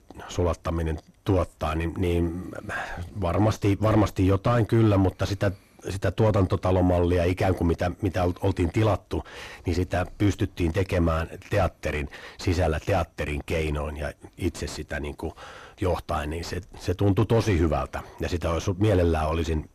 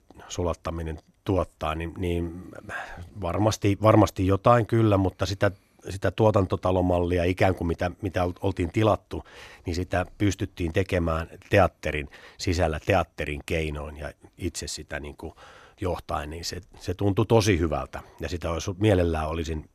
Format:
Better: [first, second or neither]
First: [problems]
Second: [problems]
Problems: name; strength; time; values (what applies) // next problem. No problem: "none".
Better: second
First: distortion; heavy; 7 dB below the speech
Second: none